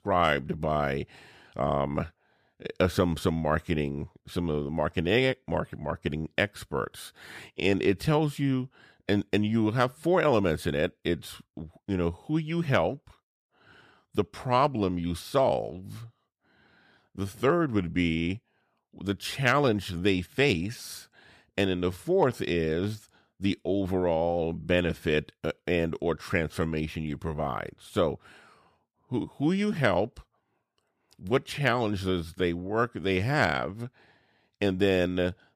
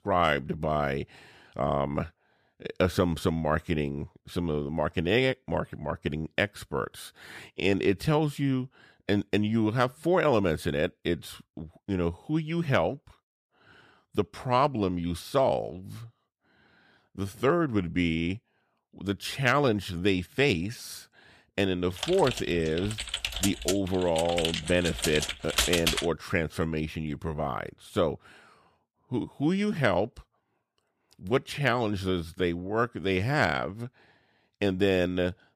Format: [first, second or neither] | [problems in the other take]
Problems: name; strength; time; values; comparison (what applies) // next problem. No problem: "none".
first | keyboard typing; loud; from 22 to 26 s; peak 4 dB above the speech